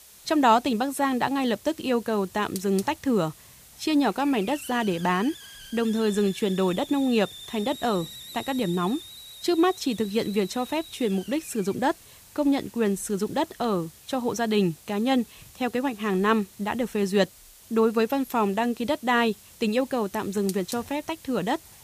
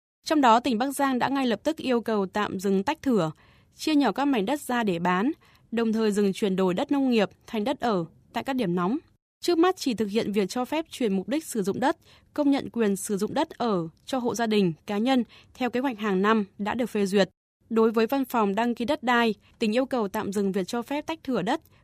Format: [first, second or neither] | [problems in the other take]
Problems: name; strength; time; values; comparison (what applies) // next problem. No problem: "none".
second | hiss; noticeable; throughout; 15 dB below the speech